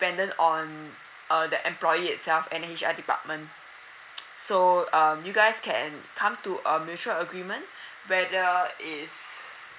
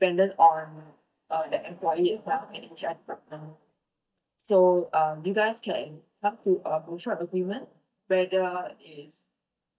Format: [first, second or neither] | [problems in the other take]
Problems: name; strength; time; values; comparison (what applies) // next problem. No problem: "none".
first | noise reduction (neural mask model DeepFilterNet 3)